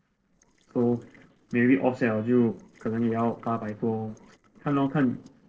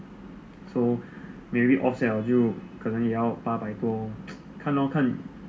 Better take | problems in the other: second | noise reduction (neural separator model SepFormer DNS4)

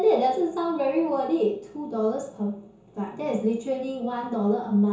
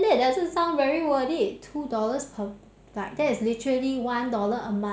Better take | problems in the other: second | room echo; dies away in 0.6 s

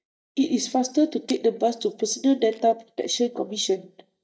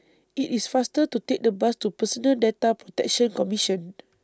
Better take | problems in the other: second | noise reduction (neural mask model DeepFilterNet 3)

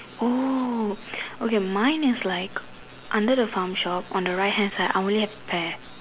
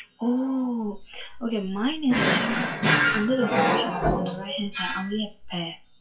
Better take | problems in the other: first | noise reduction (classical method WPE with log-MMSE)

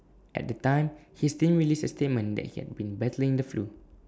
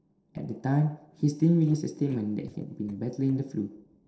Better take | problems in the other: first | noise reduction (neural separator model SepFormer DNS4)

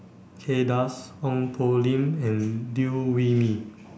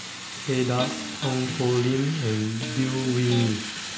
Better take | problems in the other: first | background sound (Electric guitar + Fire); 8 dB below the speech

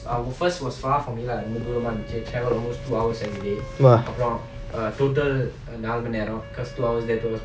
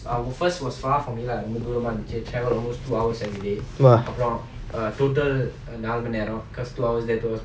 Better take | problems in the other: second | background sound (Wind instrument, woodwind instrument); 20 dB below the speech

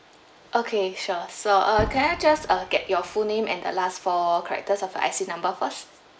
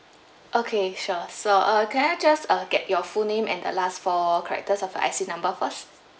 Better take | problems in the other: second | background sound (Boom); 15 dB below the speech

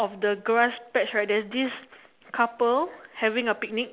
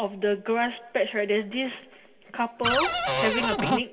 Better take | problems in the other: first | background sound (Cupboard open or close); 2 dB above the speech // room echo; dies away in 2.3 s

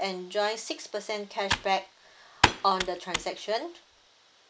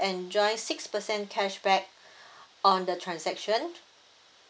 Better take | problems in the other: second | background sound (Computer keyboard); as loud as the speech

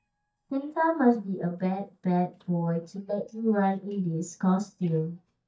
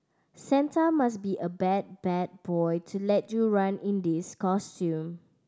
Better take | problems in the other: second | noise reduction (neural mask model DeepFilterNet 3)

